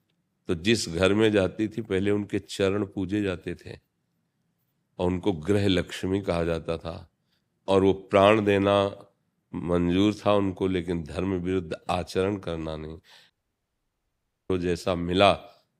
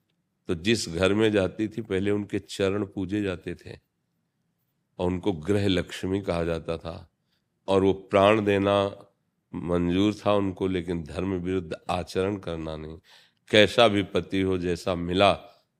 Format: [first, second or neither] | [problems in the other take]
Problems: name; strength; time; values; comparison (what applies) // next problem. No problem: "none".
second | audio cutting out; at 13 s for 1 s